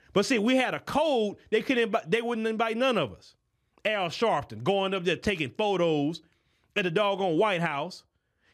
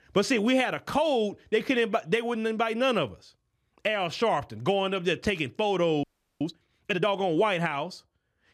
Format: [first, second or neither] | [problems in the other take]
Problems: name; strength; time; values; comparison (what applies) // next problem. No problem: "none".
first | audio freezing; at 6 s